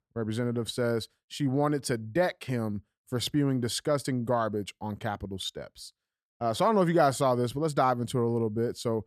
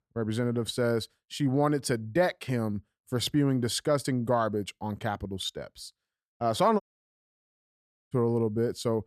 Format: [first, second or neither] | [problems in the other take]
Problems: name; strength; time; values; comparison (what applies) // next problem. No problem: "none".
first | audio cutting out; at 7 s for 1.5 s